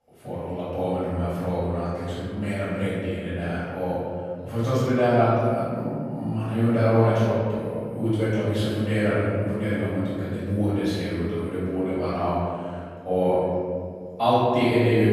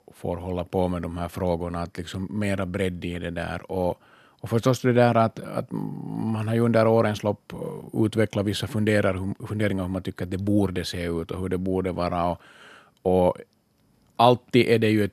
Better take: second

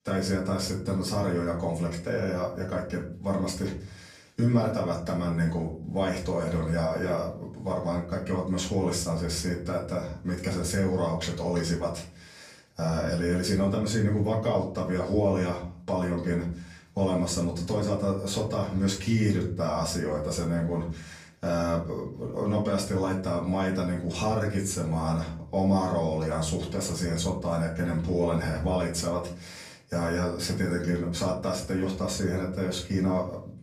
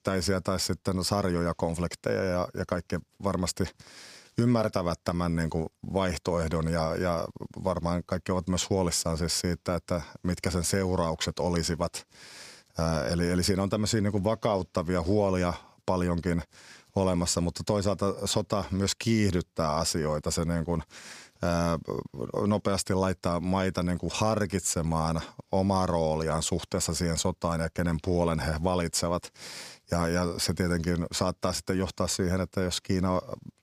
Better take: second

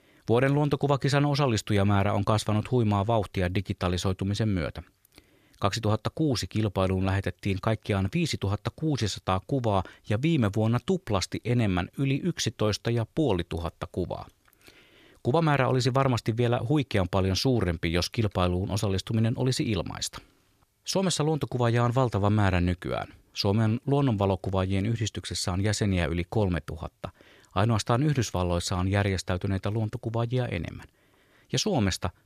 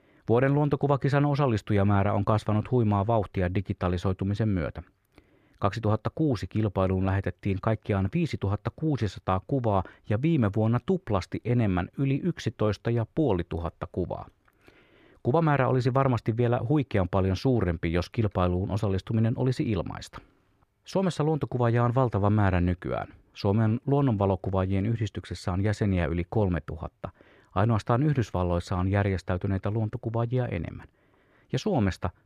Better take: first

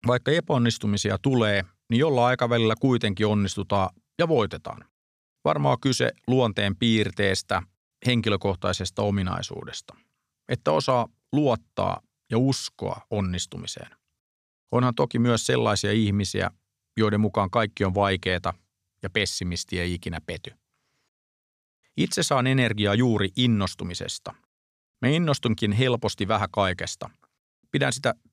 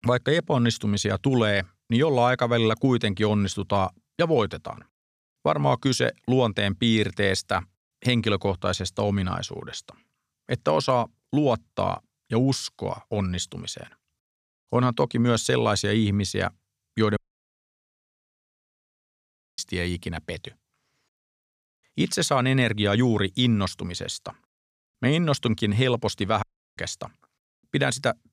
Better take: first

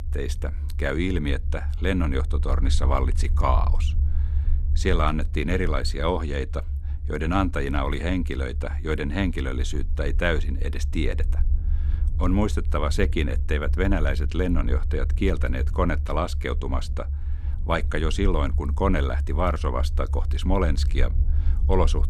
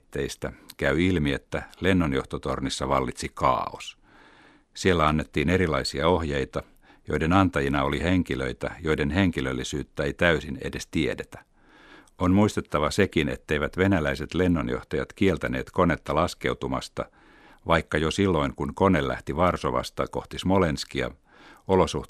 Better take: second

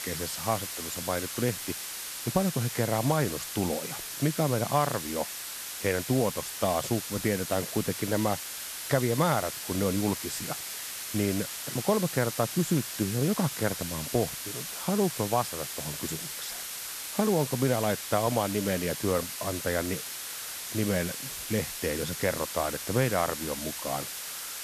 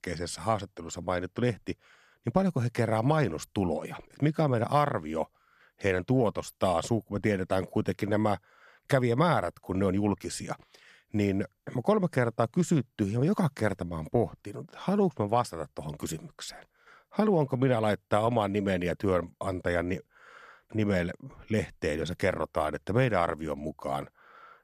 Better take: second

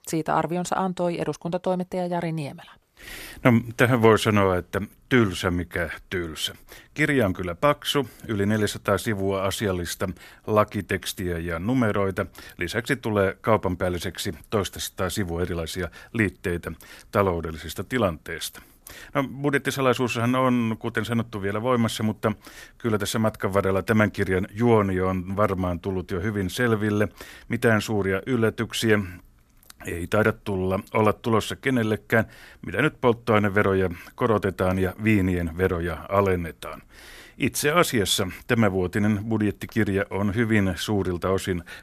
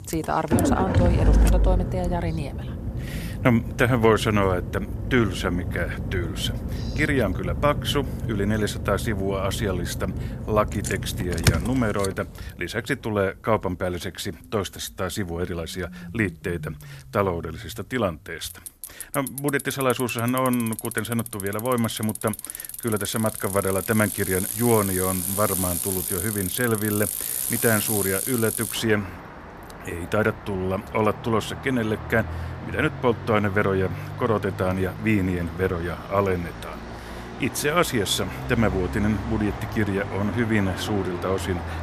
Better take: first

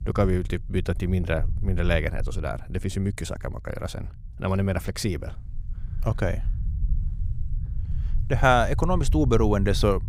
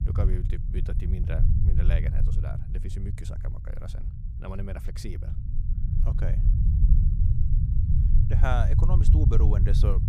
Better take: first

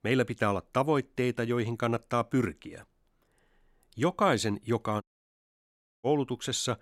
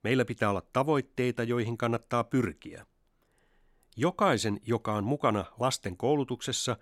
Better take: second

